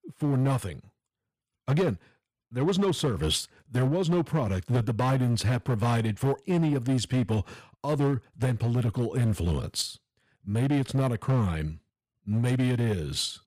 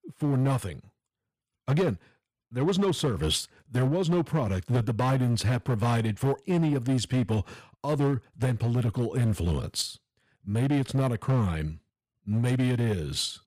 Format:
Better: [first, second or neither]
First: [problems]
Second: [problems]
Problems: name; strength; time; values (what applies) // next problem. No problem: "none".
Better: neither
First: distortion; slight; 10% of the sound clipped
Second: distortion; slight; 10% of the sound clipped